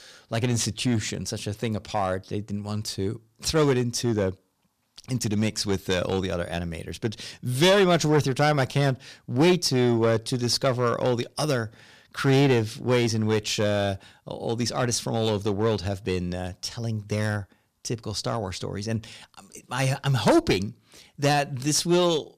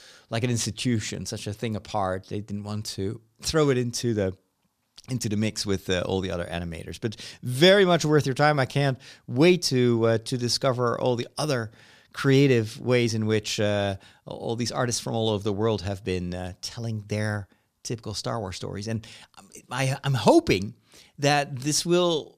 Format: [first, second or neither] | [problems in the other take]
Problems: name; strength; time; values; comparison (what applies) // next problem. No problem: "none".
second | distortion; slight; 4% of the sound clipped